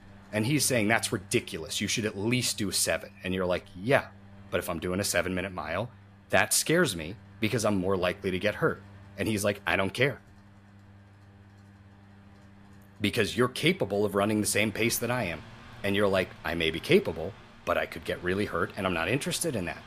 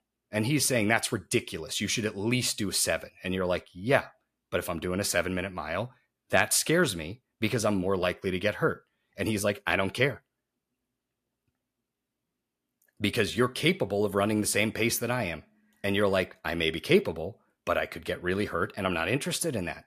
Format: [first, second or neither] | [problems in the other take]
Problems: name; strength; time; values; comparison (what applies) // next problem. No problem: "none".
second | machinery noise; faint; throughout; 25 dB below the speech